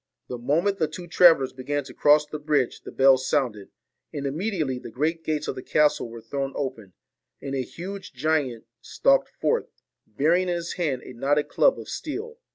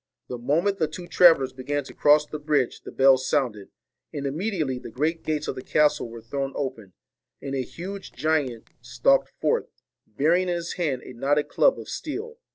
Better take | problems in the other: first | noise reduction (neural separator model SepFormer DNS4)

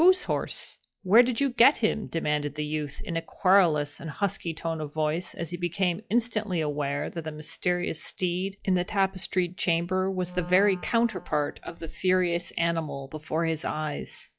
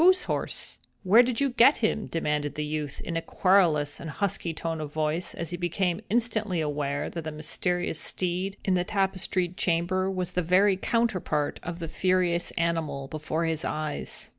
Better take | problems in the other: second | noise reduction (classical method log-MMSE)

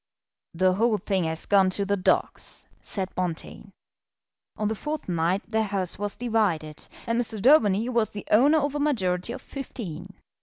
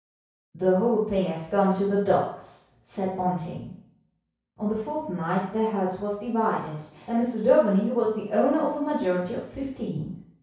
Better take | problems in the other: first | room echo; dies away in 0.6 s

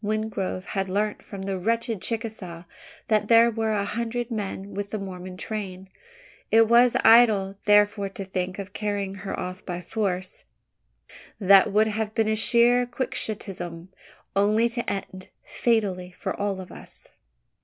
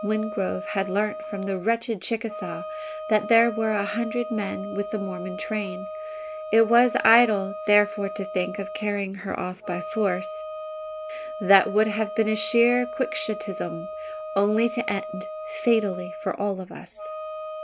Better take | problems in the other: first | background sound (Wind instrument, woodwind instrument); 9 dB below the speech

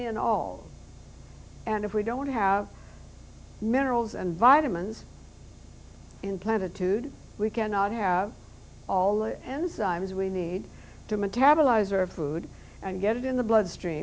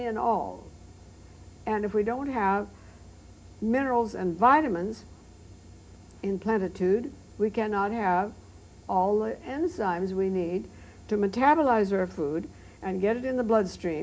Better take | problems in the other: first | room echo; dies away in 0.3 s

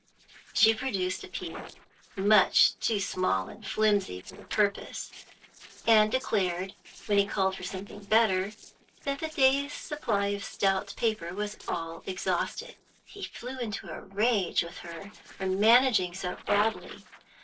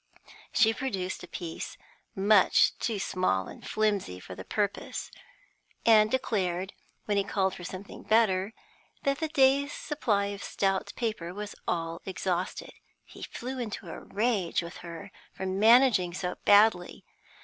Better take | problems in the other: second | noise reduction (neural separator model SepFormer DNS4)

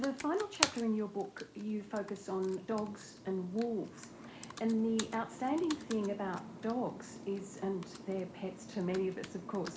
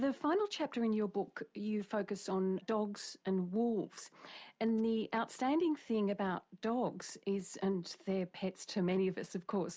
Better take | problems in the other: second | background sound (Computer keyboard); 9 dB below the speech // room echo; dies away in 0.4 s

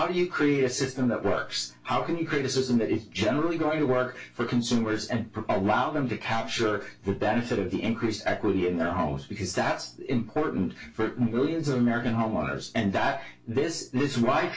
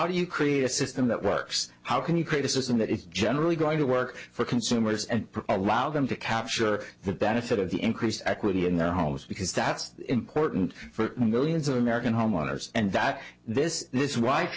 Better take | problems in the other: second | room echo; dies away in 0.2 s

